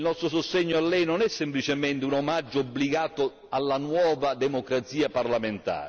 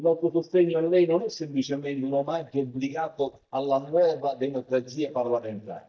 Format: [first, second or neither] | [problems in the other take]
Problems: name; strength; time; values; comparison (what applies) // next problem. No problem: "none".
first | noise reduction (neural mask model DeepFilterNet 3)